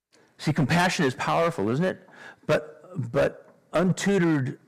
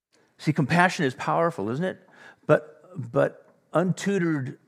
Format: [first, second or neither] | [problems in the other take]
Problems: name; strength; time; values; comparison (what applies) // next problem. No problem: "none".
second | distortion; heavy; 8% of the sound clipped